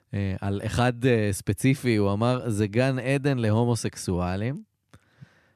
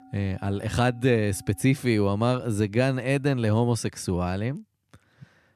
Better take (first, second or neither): first